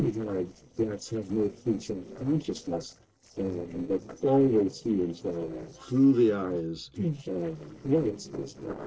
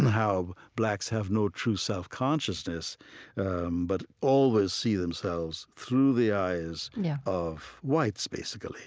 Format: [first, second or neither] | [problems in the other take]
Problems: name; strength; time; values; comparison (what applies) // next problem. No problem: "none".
second | noise reduction (neural separator model SepFormer DNS4)